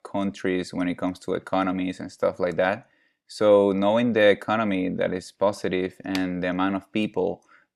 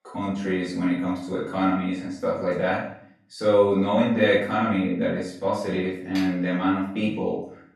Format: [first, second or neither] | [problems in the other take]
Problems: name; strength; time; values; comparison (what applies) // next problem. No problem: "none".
first | off-mic speech; far // room echo; noticeable; dies away in 0.5 s